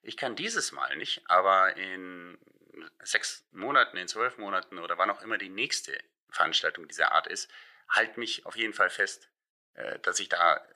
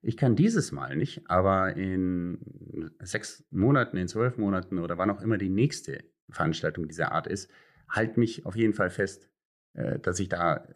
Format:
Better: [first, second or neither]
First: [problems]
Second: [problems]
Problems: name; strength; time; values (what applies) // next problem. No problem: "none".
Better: second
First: thin; very; fading below 900 Hz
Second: none